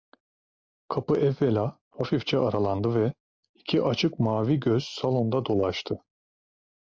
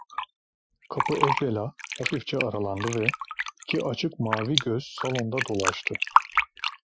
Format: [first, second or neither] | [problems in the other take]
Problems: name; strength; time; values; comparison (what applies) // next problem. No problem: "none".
first | noise reduction (classical method Wiener filter)